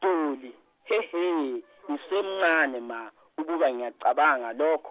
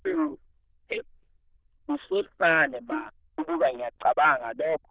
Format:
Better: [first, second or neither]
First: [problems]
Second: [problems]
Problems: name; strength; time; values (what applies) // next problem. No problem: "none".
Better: first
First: none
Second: noise reduction (neural diffusion model UNIVERSE++)